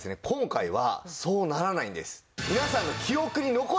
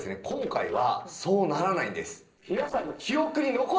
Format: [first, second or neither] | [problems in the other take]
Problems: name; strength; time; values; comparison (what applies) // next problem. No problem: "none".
first | noise reduction (neural separator model SepFormer DNS4)